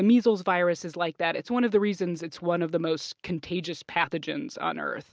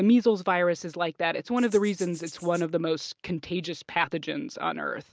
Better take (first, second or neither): first